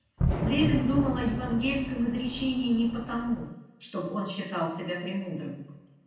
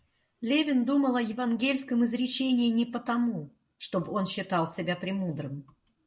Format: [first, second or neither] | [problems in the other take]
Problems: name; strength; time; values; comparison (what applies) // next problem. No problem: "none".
second | background sound (Fireworks); 2 dB below the speech // room echo; dies away in 0.9 s